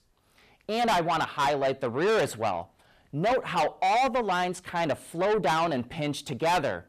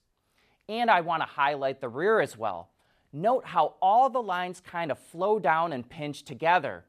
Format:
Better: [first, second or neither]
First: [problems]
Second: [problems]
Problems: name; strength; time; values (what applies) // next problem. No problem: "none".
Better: second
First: distortion; heavy; 6 dB below the speech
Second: none